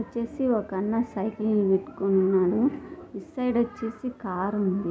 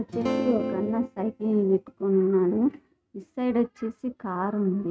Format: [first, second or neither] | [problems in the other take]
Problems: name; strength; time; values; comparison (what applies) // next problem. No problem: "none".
first | noise reduction (neural mask model RNNoise)